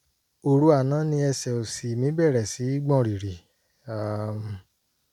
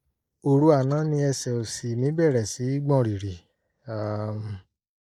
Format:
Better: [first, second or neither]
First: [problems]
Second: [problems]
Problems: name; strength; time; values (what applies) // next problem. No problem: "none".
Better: first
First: none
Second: noise reduction (neural mask model Resemble Enhance denoiser)